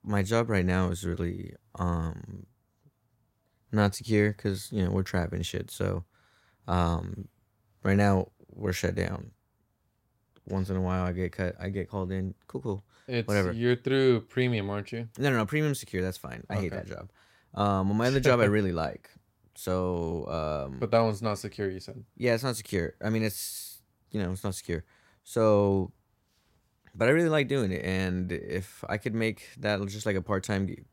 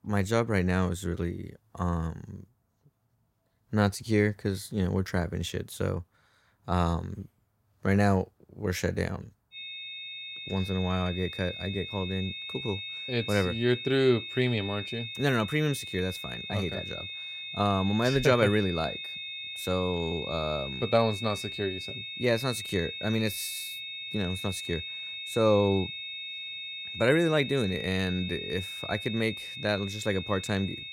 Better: first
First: none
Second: high-pitched whine; loud; from 9.5 s on; 3.5 kHz, 7 dB below the speech

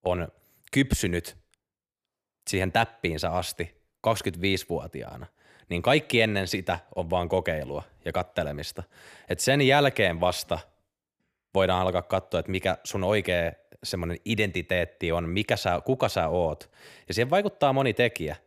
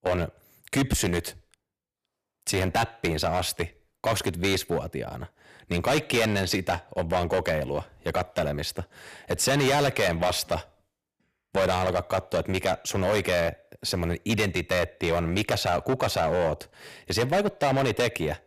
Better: first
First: none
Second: distortion; heavy; 10% of the sound clipped

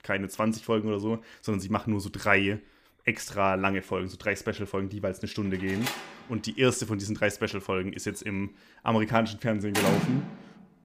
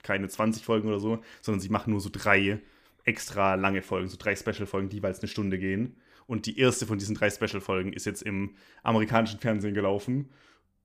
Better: second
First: door banging; loud; from 5.5 to 10 s; peak 3 dB above the speech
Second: none

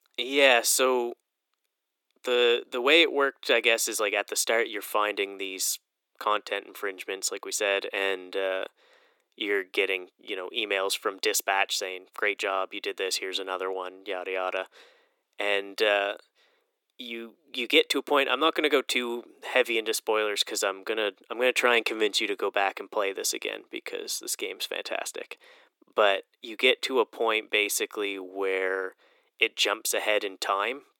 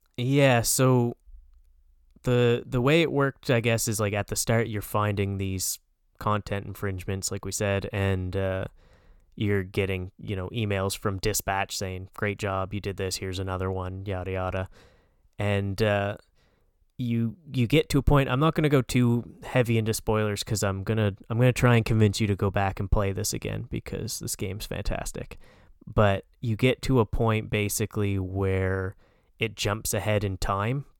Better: second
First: thin; very; fading below 300 Hz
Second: none

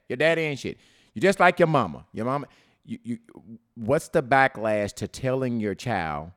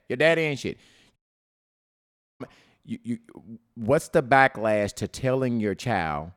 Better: first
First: none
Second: audio cutting out; at 1 s for 1 s

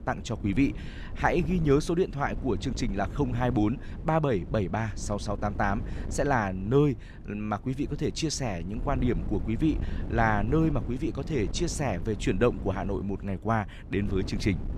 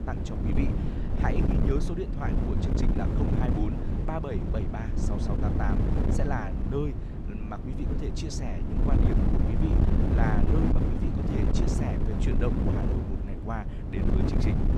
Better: first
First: wind noise on the microphone; occasional gusts; 15 dB below the speech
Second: wind noise on the microphone; heavy; 1 dB above the speech

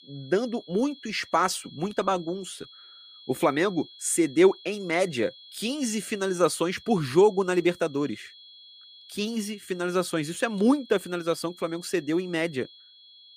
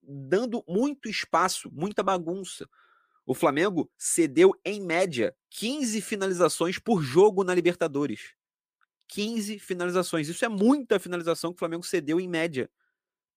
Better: second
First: high-pitched whine; faint; throughout; 3.5 kHz, 20 dB below the speech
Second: none

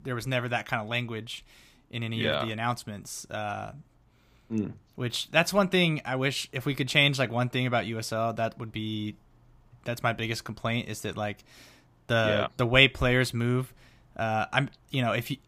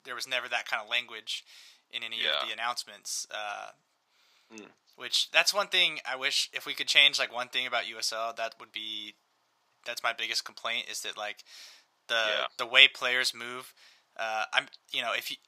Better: first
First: none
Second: thin; very; fading below 750 Hz

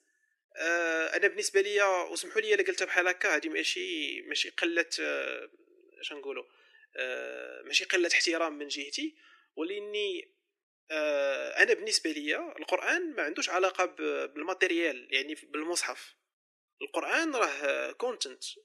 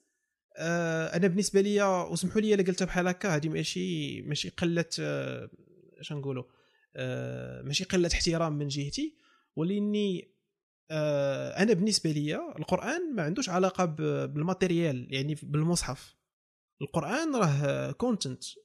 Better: second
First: thin; very; fading below 300 Hz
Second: none

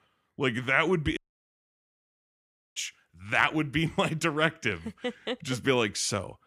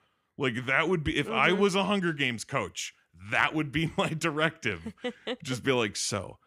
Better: second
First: audio cutting out; at 1 s for 1.5 s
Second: none

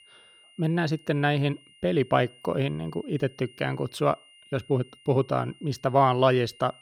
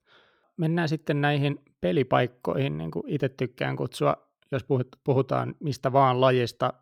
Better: second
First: high-pitched whine; faint; throughout; 3 kHz, 25 dB below the speech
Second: none

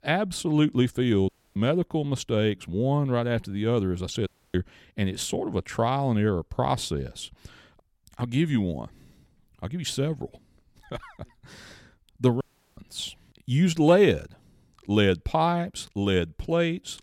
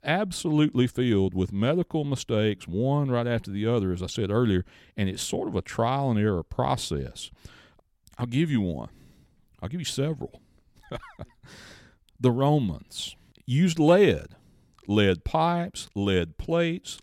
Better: second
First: audio cutting out; at 1.5 s, at 4.5 s and at 12 s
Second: none

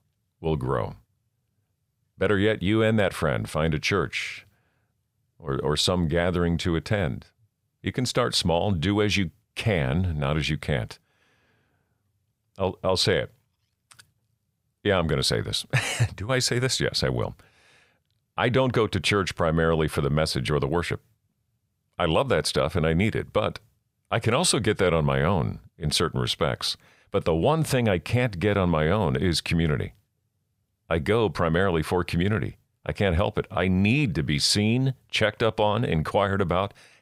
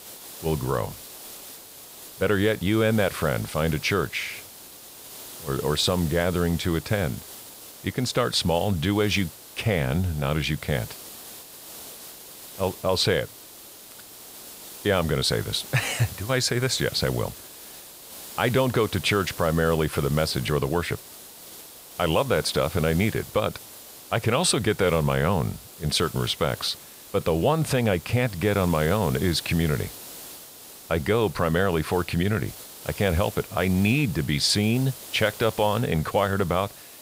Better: first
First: none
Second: hiss; noticeable; throughout; 15 dB below the speech

